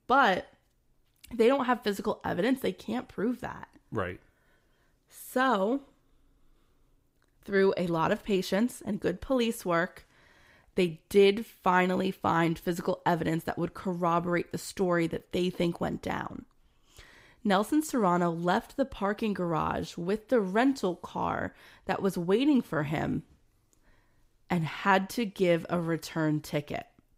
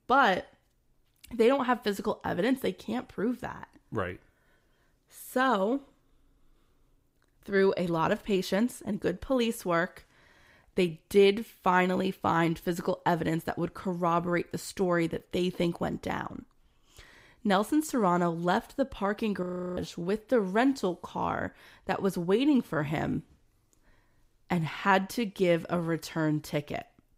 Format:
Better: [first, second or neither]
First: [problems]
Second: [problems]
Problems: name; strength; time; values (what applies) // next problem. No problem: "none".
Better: first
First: none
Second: audio freezing; at 19 s